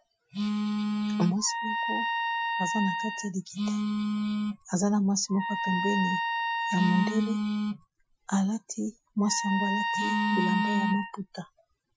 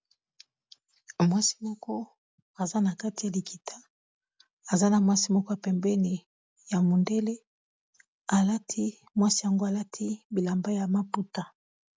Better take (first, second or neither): second